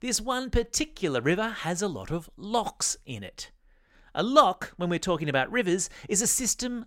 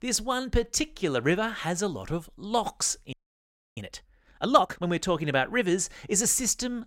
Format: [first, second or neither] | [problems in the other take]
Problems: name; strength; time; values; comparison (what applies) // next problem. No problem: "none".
first | audio freezing; at 3 s for 0.5 s